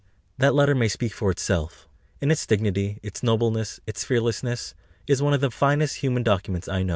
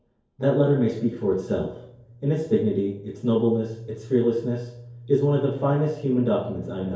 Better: first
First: none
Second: room echo; dies away in 2.4 s

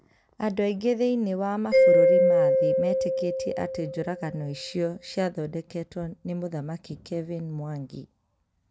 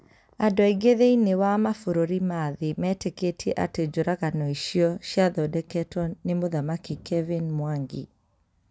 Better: second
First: background sound (Mallet percussion); 4 dB above the speech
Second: none

